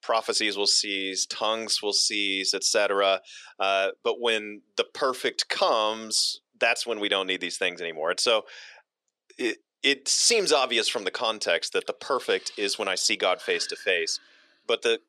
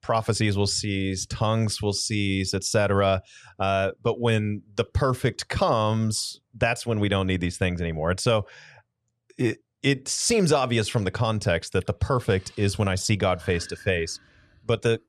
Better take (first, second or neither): second